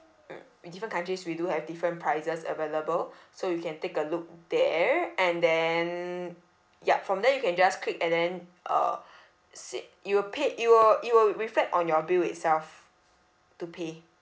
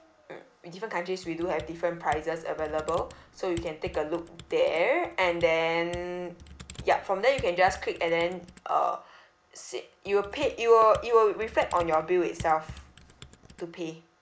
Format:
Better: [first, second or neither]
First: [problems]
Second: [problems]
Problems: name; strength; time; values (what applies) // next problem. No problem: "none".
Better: first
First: none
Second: background sound (Computer keyboard); 18 dB below the speech